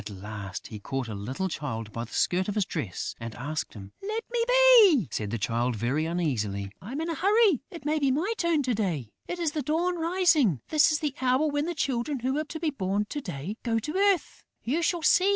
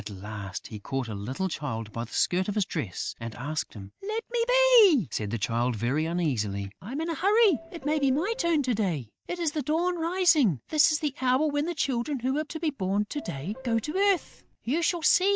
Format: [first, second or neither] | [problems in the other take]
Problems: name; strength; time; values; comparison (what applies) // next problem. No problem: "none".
first | noise reduction (neural mask model DeepFilterNet 3)